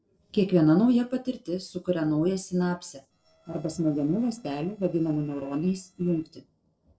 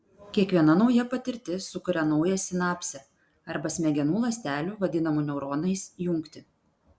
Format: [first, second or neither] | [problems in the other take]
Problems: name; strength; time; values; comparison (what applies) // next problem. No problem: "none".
second | noise reduction (neural separator model SepFormer DNS4)